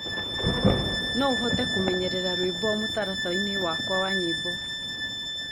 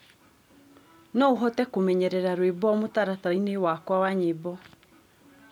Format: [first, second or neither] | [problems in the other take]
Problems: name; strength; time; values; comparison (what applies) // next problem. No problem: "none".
second | background sound (Thunder / Rain + Bowed string instrument); 2 dB above the speech